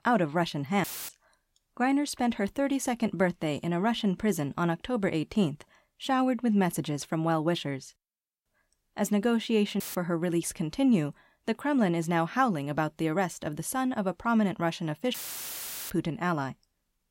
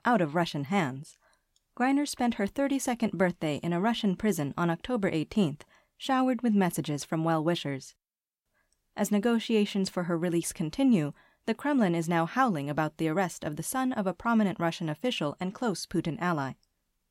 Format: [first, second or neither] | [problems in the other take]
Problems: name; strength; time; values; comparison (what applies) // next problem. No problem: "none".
second | audio cutting out; filled with static; at 1 s, at 10 s and at 15 s for 1 s